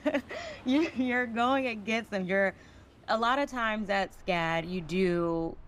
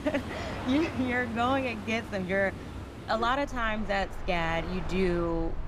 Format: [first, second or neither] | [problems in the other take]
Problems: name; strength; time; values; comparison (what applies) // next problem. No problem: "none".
first | train or aircraft noise; loud; throughout; 10 dB below the speech; faint in the first